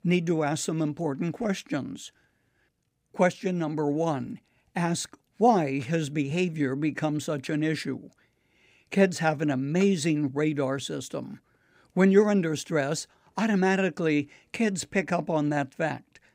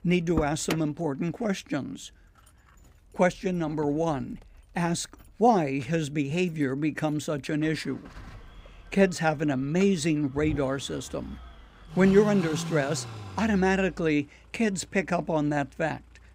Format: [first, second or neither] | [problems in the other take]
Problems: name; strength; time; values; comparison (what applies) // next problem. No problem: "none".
first | traffic noise; noticeable; throughout; 15 dB below the speech